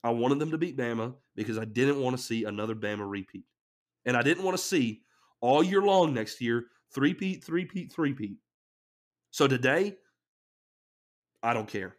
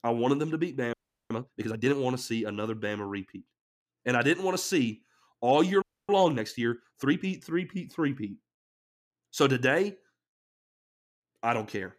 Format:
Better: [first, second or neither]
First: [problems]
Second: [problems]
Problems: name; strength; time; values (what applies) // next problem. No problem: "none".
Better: first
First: none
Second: audio freezing; at 1 s and at 6 s